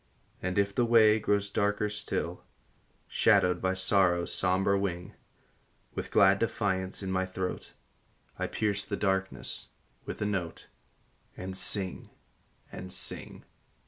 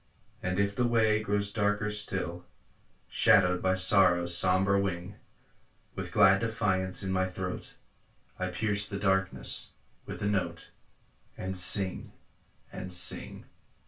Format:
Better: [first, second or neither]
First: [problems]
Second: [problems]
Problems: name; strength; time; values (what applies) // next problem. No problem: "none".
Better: first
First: none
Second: room echo; dies away in 0.2 s